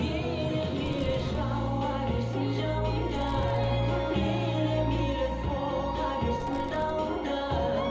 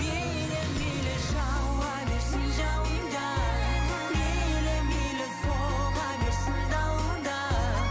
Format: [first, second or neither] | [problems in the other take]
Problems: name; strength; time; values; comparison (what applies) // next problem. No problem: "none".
second | background sound (Fireworks); 16 dB below the speech // room echo; dies away in 0.7 s